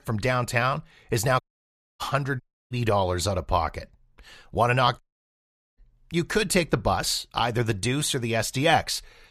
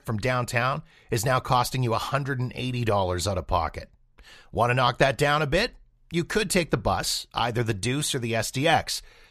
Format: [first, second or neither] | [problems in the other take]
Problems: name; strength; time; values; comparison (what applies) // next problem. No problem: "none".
second | audio cutting out; at 1.5 s for 0.5 s, at 2.5 s and at 5 s for 1 s